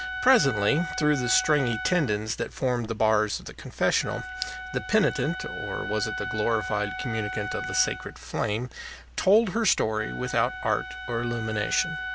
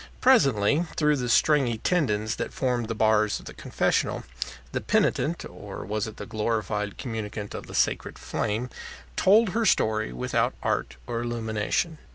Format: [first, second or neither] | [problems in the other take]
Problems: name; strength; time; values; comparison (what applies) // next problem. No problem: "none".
second | background sound (Wind instrument, woodwind instrument); 9 dB below the speech